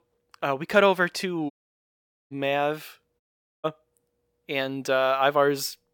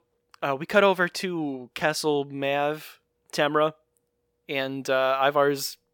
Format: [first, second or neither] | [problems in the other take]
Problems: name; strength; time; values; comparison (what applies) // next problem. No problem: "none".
second | audio cutting out; at 1.5 s for 1 s and at 3 s